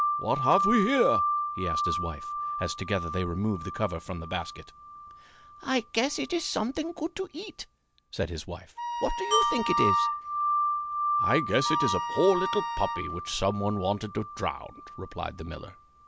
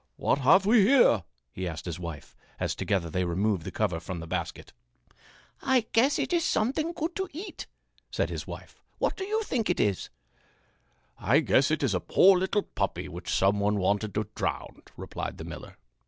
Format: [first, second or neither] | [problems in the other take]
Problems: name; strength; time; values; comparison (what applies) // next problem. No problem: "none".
second | background sound (Wind instrument, woodwind instrument + Wind chime); 1 dB below the speech